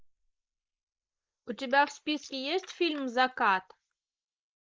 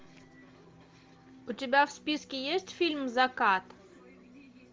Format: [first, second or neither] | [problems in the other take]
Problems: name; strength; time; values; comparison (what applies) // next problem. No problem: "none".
second | noise reduction (neural mask model Resemble Enhance denoiser)